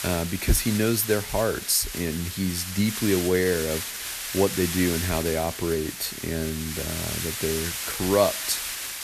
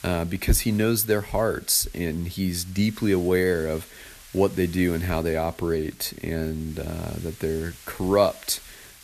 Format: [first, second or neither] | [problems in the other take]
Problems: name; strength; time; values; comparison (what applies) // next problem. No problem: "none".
second | hiss; loud; throughout; 5 dB below the speech; faint in the second